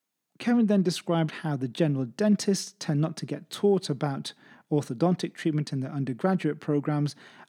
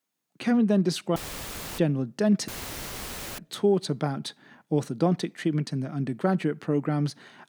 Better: first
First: none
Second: audio cutting out; filled with static; at 1 s for 0.5 s and at 2.5 s for 1 s

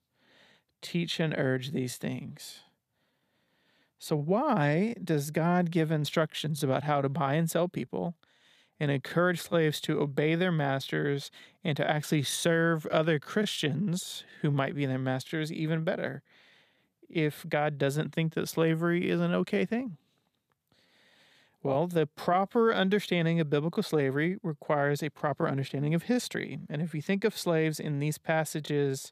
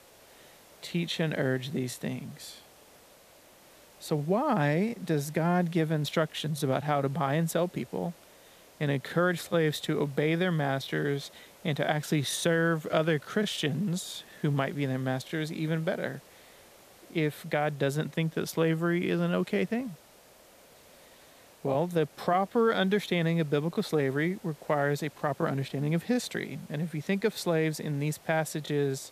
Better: first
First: none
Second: hiss; faint; throughout; 25 dB below the speech

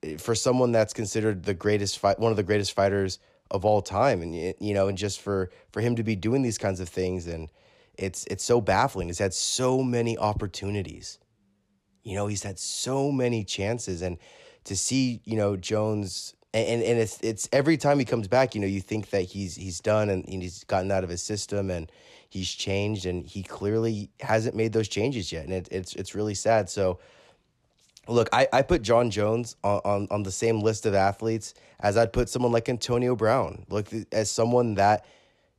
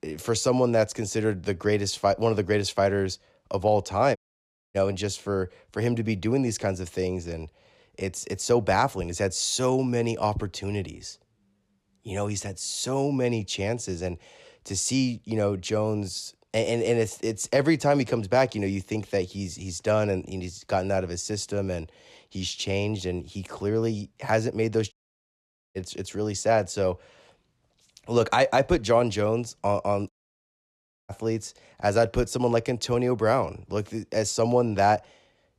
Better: first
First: none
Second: audio cutting out; at 4 s for 0.5 s, at 25 s for 1 s and at 30 s for 1 s

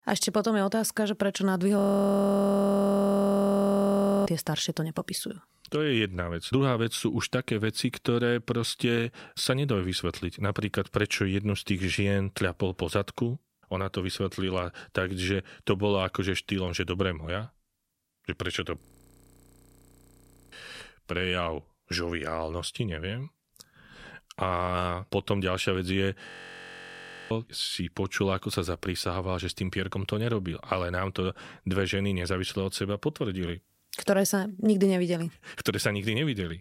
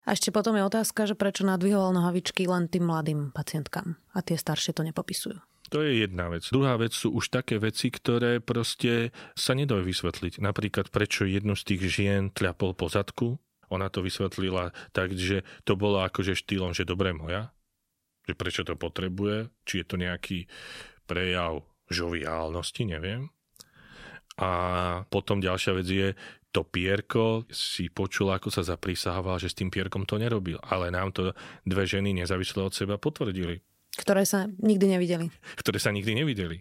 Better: second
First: audio freezing; at 2 s for 2.5 s, at 19 s for 1.5 s and at 26 s for 1 s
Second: none

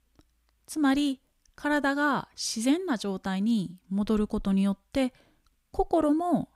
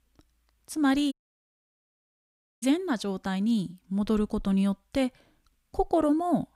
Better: first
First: none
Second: audio cutting out; at 1 s for 1.5 s

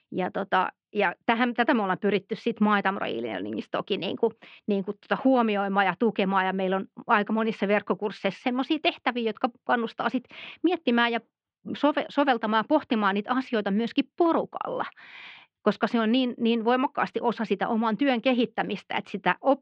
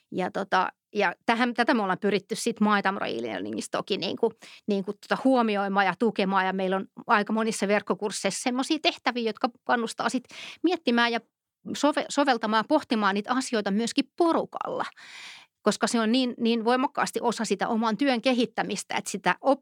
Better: second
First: muffled; slightly; fading above 3 kHz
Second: none

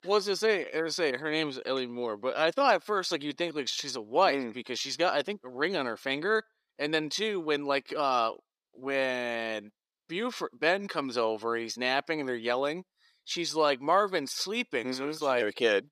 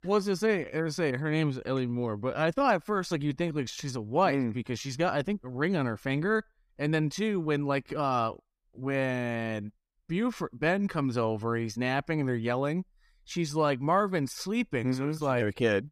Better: second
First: thin; somewhat; fading below 400 Hz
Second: none

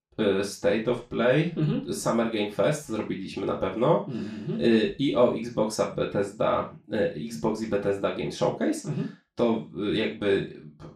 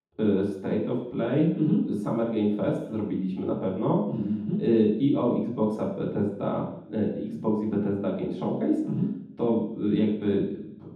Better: first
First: room echo; slight; dies away in 0.3 s // off-mic speech; far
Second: room echo; strong; dies away in 0.9 s // off-mic speech; far

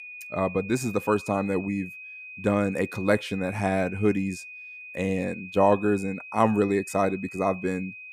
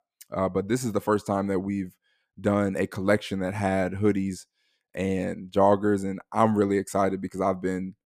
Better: second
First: high-pitched whine; noticeable; throughout; 2.5 kHz, 15 dB below the speech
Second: none

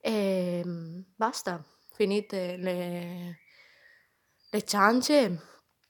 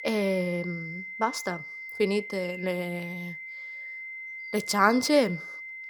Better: first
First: none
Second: high-pitched whine; loud; throughout; 2 kHz, 10 dB below the speech

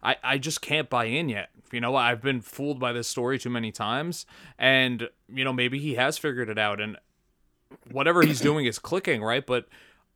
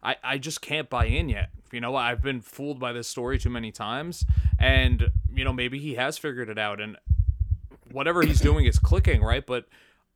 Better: first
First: none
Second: low rumble; noticeable; from 1 to 2 s, from 3.5 to 5.5 s and from 7 to 9.5 s; 15 dB below the speech

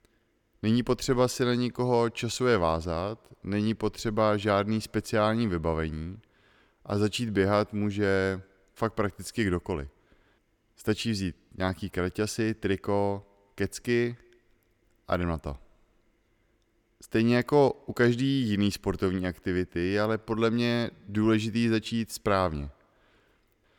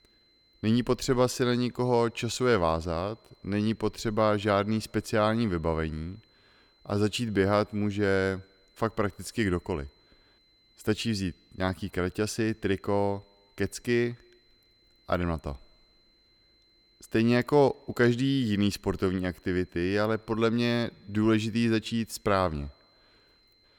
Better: first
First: none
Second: high-pitched whine; faint; throughout; 4 kHz, 35 dB below the speech

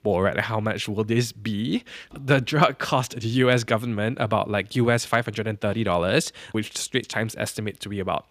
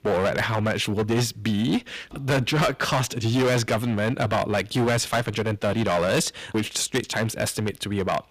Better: first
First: none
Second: distortion; heavy; 14% of the sound clipped

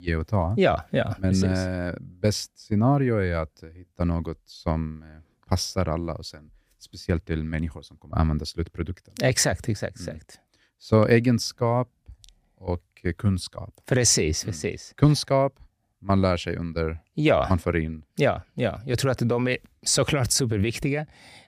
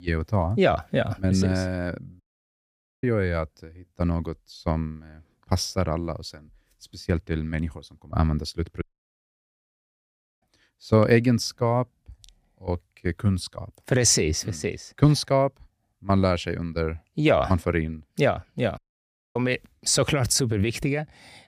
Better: first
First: none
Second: audio cutting out; at 2 s for 1 s, at 9 s for 1.5 s and at 19 s for 0.5 s

